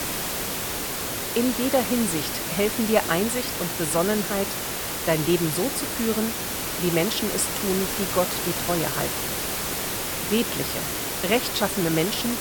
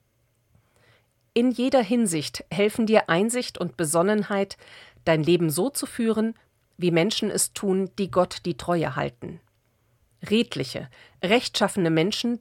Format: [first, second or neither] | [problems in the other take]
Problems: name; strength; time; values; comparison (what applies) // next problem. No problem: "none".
second | hiss; loud; throughout; 1 dB below the speech